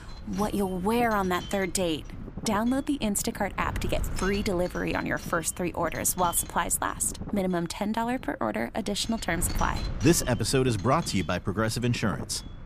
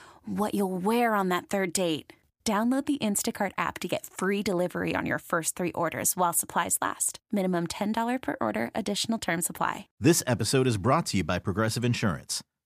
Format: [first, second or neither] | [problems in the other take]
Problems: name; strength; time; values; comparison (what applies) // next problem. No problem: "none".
second | wind noise on the microphone; occasional gusts; 15 dB below the speech